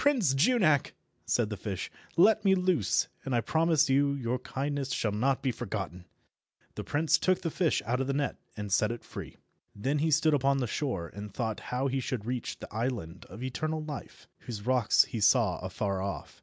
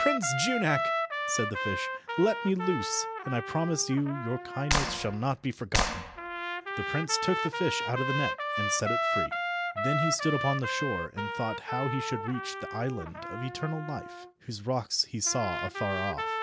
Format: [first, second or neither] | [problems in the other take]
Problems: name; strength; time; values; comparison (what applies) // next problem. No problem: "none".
first | background sound (Trumpet + Clapping); 1 dB below the speech